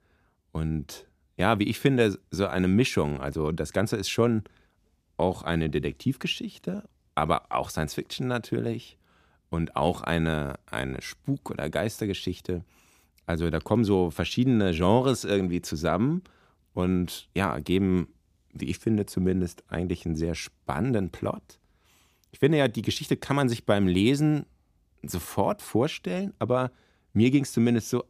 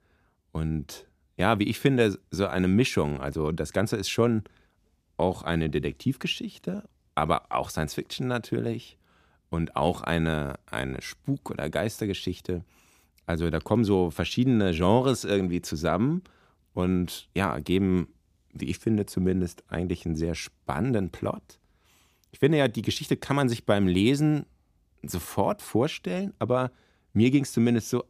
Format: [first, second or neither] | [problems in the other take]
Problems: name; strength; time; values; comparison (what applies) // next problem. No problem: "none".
neither | none